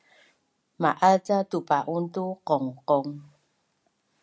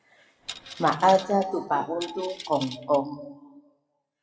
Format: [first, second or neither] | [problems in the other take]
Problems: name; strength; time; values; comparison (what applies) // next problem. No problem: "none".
first | noise reduction (classical method WPE with log-MMSE)